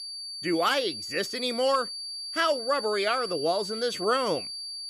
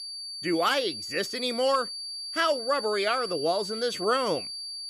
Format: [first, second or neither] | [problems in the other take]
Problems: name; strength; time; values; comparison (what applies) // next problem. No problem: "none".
neither | high-pitched whine; loud; throughout; 4.5 kHz, 6 dB below the speech; the same in both